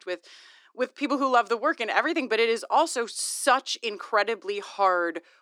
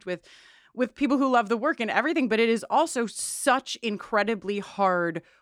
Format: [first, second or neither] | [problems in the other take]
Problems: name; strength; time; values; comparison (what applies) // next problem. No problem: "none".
second | thin; somewhat; fading below 300 Hz